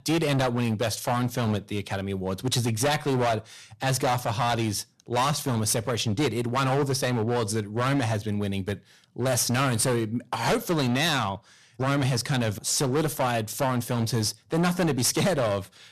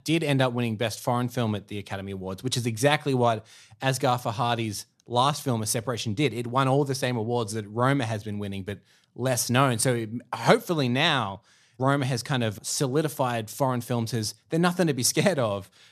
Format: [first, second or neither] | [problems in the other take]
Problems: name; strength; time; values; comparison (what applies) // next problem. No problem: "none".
second | distortion; heavy; 15% of the sound clipped